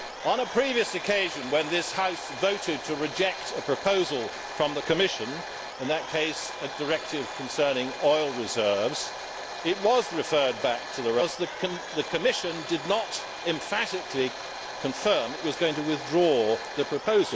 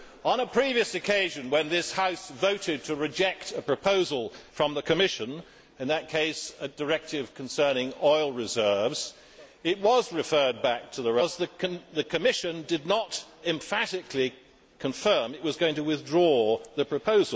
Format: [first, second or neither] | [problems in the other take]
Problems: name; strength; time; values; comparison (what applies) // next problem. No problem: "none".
second | background sound (Domestic sounds, home sounds); 9 dB below the speech